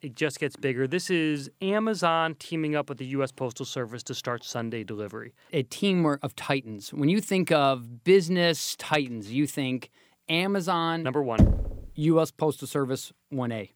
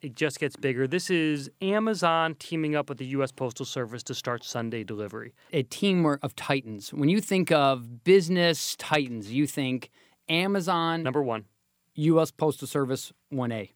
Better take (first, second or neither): second